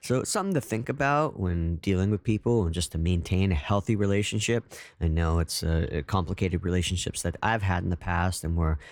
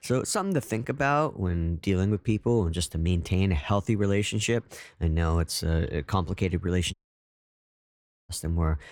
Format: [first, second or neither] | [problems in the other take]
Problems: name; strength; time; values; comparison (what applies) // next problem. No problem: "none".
first | audio cutting out; at 7 s for 1.5 s